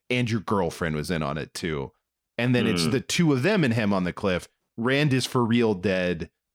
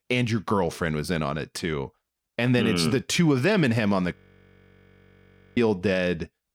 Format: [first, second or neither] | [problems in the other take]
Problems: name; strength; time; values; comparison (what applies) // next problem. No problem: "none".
first | audio freezing; at 4 s for 1.5 s